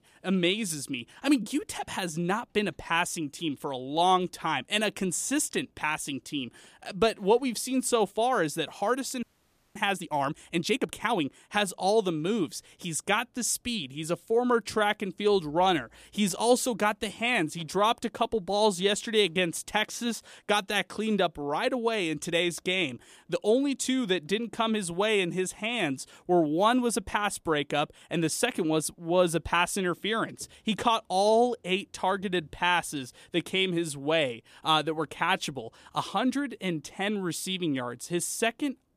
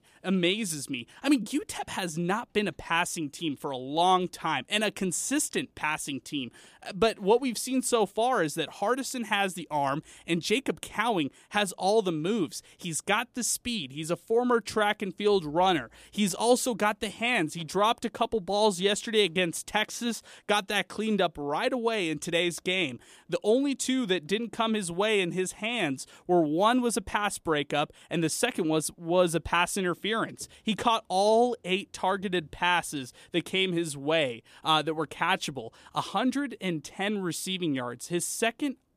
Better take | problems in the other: second | audio freezing; at 9 s for 0.5 s

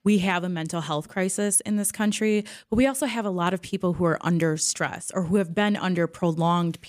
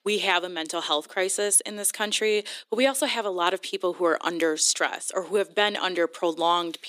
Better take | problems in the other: first | thin; very; fading below 300 Hz

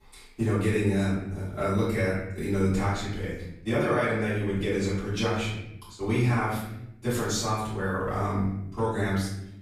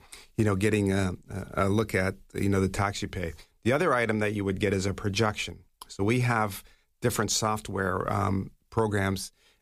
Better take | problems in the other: second | off-mic speech; far // room echo; noticeable; dies away in 0.8 s

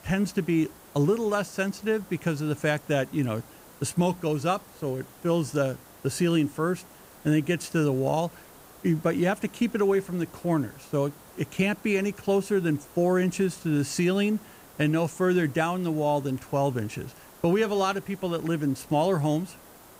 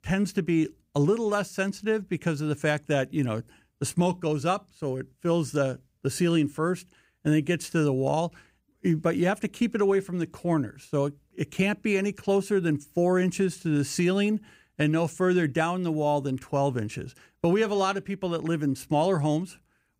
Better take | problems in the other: second | hiss; faint; throughout; 20 dB below the speech

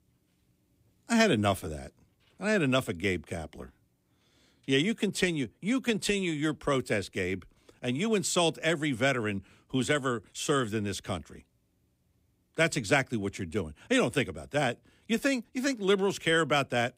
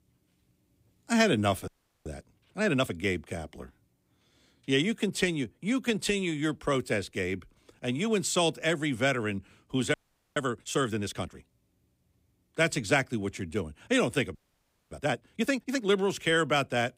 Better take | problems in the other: first | audio freezing; at 1.5 s, at 10 s and at 14 s for 0.5 s

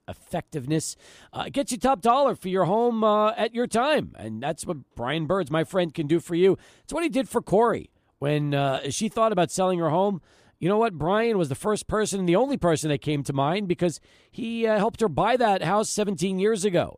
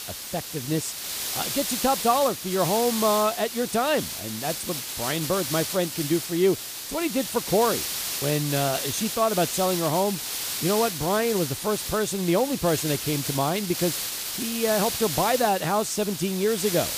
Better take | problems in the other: first | hiss; loud; throughout; 4 dB below the speech

